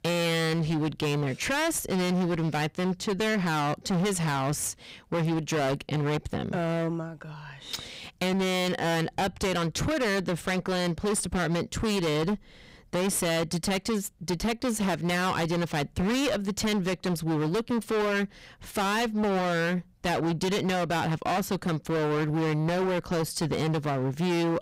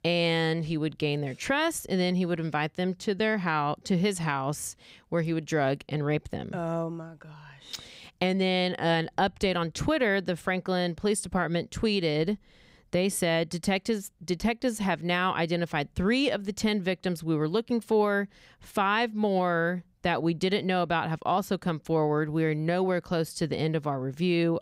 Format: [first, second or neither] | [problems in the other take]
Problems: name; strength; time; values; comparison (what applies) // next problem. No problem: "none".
second | distortion; heavy; 32% of the sound clipped